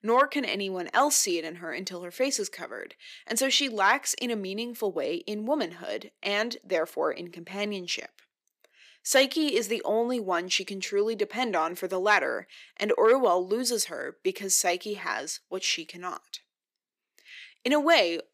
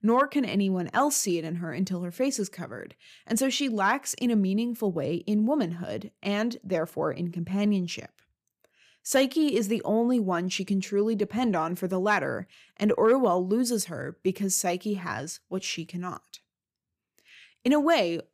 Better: second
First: thin; somewhat; fading below 350 Hz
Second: none

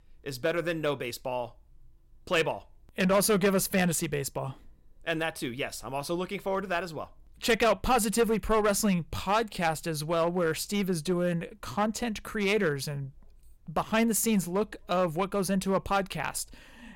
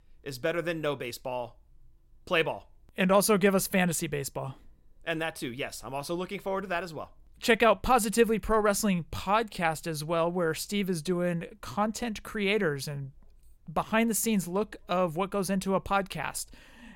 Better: second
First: distortion; slight; 3% of the sound clipped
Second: none

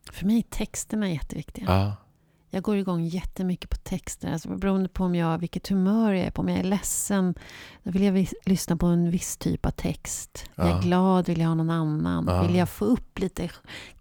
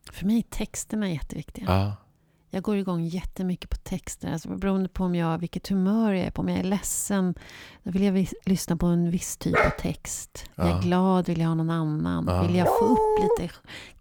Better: first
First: none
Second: dog barking; loud; at 9.5 s and at 13 s; peak 5 dB above the speech

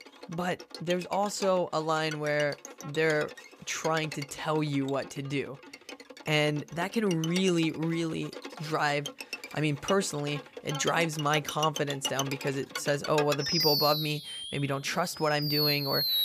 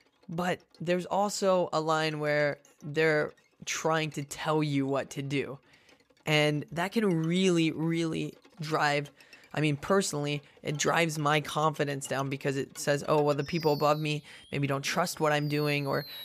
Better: second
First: background music; loud; throughout; 5 dB below the speech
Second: background music; faint; throughout; 20 dB below the speech

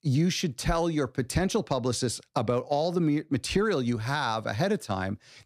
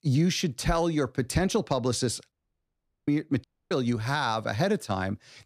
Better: first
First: none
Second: audio cutting out; at 2.5 s for 1 s and at 3.5 s

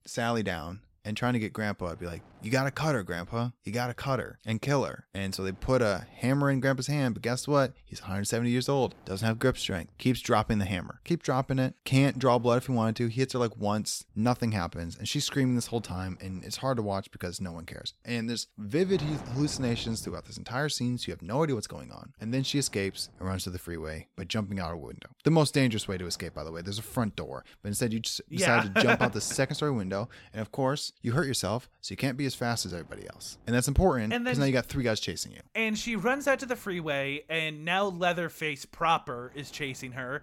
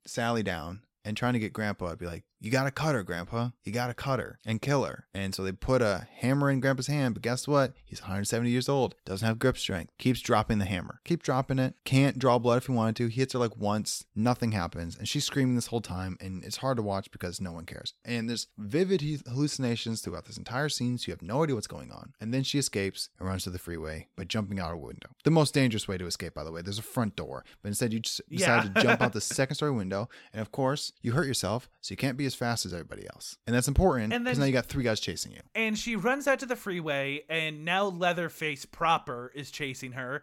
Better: second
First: wind noise on the microphone; occasional gusts; 25 dB below the speech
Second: none

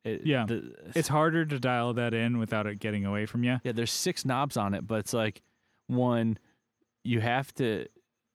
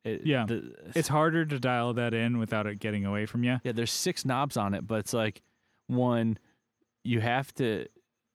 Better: neither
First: none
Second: none

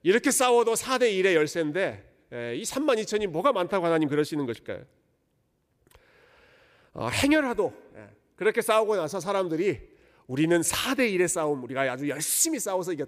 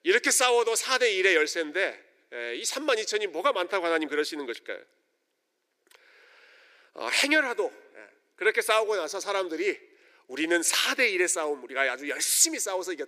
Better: first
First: none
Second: thin; somewhat; fading below 350 Hz

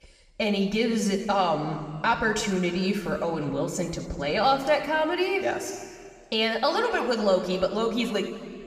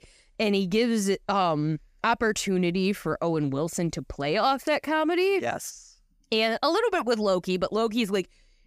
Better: second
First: room echo; slight; dies away in 1.9 s // off-mic speech; somewhat distant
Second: none

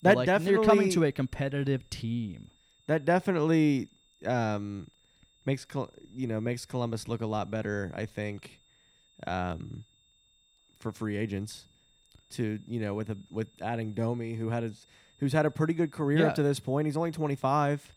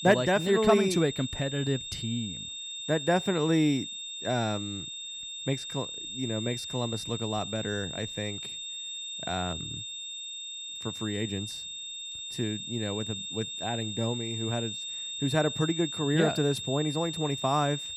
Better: first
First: high-pitched whine; faint; throughout; 3.5 kHz, 35 dB below the speech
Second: high-pitched whine; loud; throughout; 3.5 kHz, 5 dB below the speech

